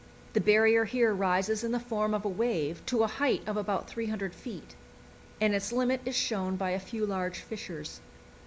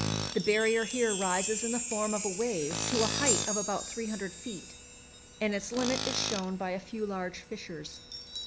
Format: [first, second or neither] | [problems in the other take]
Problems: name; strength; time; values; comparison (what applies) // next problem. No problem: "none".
first | background sound (Tools + Chime); 3 dB below the speech